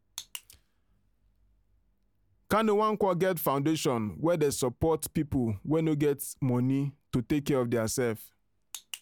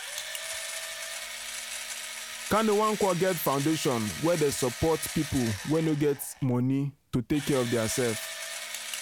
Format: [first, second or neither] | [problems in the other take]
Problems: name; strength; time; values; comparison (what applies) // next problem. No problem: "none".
first | background sound (Engine / Drill); 9 dB below the speech